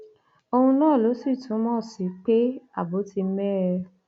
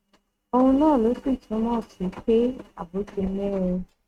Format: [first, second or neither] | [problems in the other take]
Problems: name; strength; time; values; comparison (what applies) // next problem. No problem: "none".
first | noise reduction (neural mask model RNNoise)